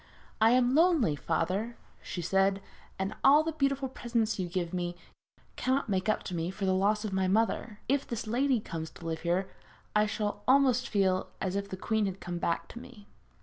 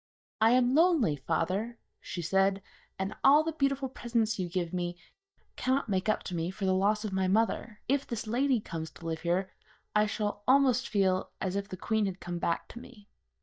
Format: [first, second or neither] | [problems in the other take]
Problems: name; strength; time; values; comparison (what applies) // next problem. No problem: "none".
first | noise reduction (neural mask model DeepFilterNet 3)